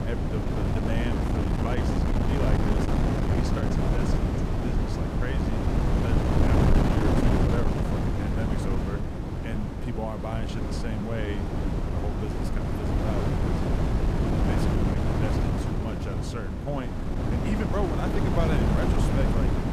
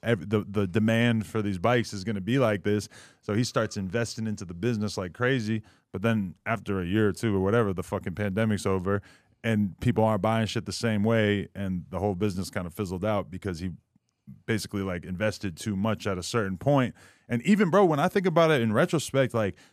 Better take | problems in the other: second | wind noise on the microphone; heavy; 5 dB above the speech

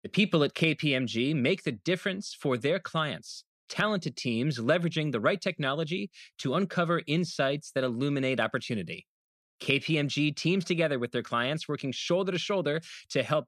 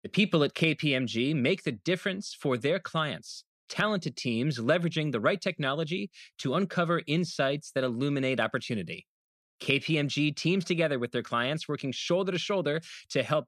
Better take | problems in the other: neither | none

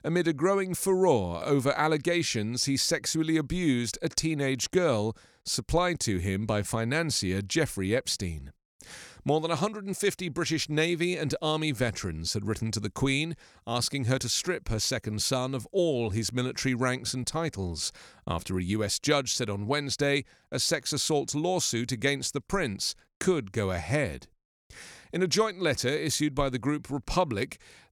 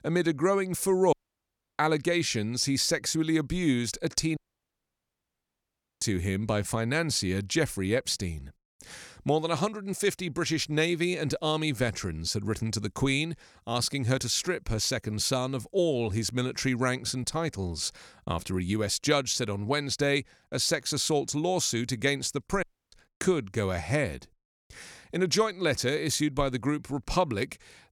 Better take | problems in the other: first | audio cutting out; at 1 s for 0.5 s, at 4.5 s for 1.5 s and at 23 s

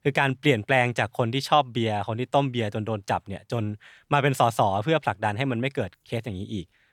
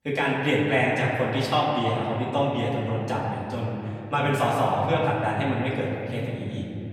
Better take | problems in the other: first | off-mic speech; far // room echo; noticeable; dies away in 2.8 s

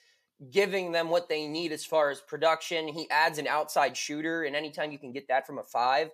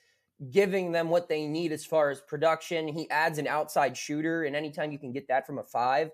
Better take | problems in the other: second | thin; very slightly; fading below 350 Hz

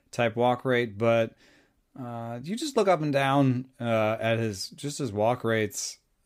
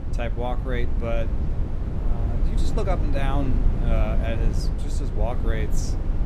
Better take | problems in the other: first | wind noise on the microphone; heavy; 6 dB below the speech

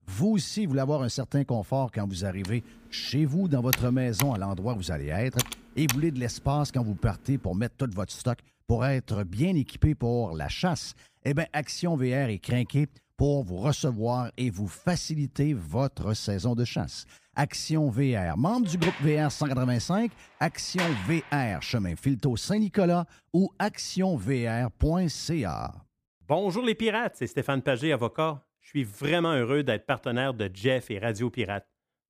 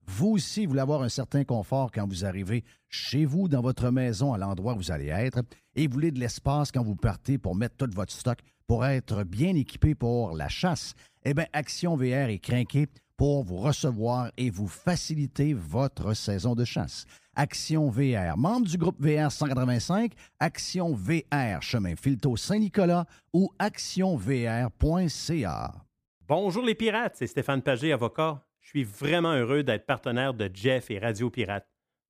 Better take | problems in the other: second | keyboard typing; noticeable; from 2.5 to 6 s; peak 1 dB below the speech // door banging; noticeable; from 19 to 21 s; peak 4 dB below the speech

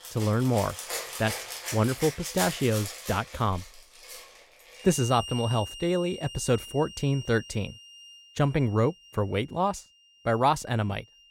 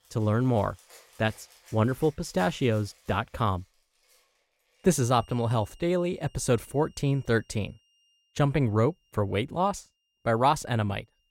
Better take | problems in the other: second | background music; loud; throughout; 10 dB below the speech; faint in the second

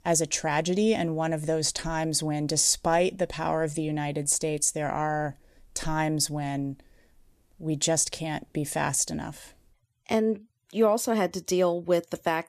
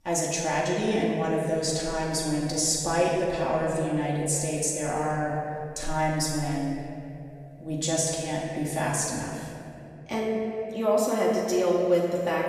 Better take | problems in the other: first | off-mic speech; far // room echo; noticeable; dies away in 2.3 s

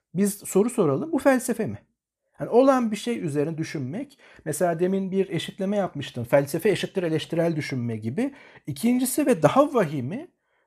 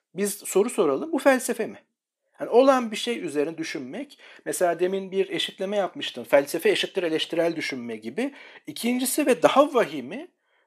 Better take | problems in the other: first | thin; very slightly; fading below 250 Hz

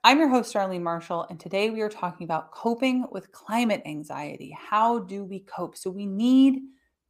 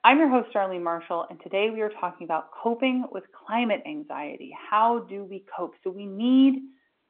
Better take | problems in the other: first | phone-call audio

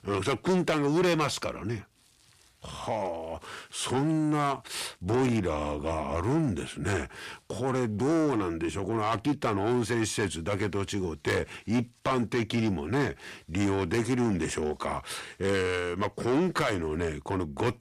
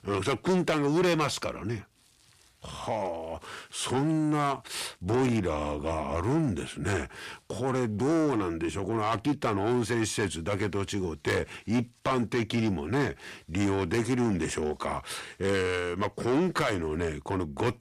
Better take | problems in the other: neither | distortion; heavy; 8 dB below the speech; the same in both

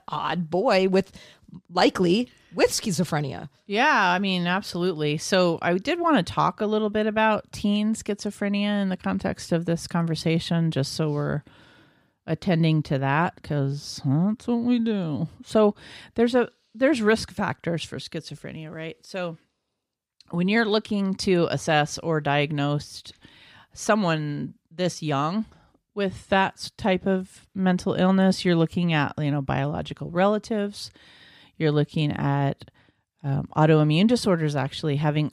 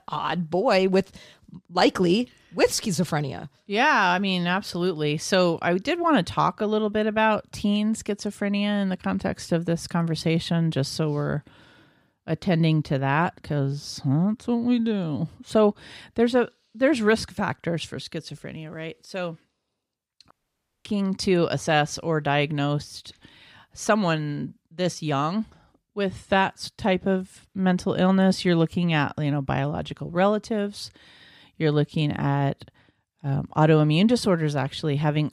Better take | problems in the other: first | audio cutting out; at 20 s for 0.5 s

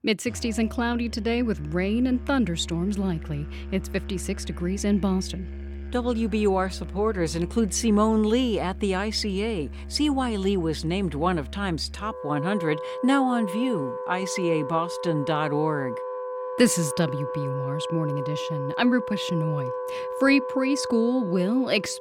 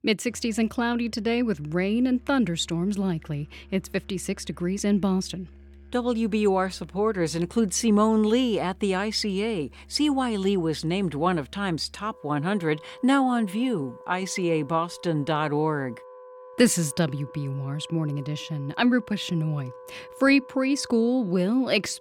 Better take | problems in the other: second | background music; loud; throughout; 9 dB below the speech; faint in the second

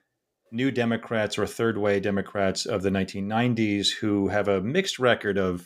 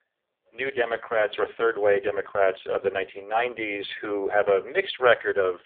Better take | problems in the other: first | phone-call audio; poor line

